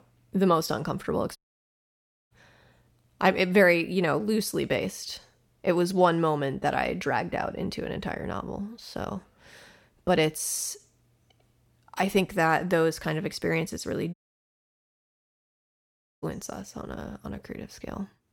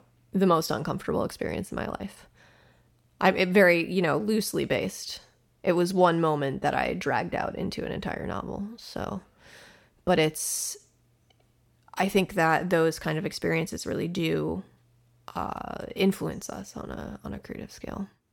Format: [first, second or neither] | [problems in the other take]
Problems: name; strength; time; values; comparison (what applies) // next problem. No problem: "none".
second | audio cutting out; at 1.5 s for 1 s and at 14 s for 2 s